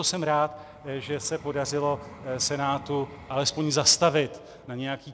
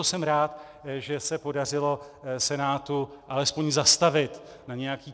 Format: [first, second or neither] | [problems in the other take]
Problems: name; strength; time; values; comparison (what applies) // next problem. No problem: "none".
second | background sound (Vehicle); 20 dB below the speech